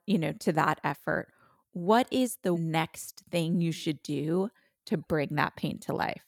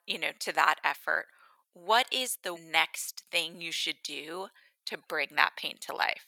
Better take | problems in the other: first | thin; very; fading below 900 Hz

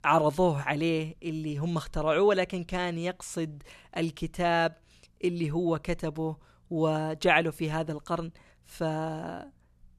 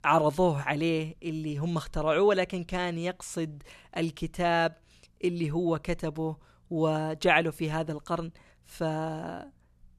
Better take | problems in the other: neither | none

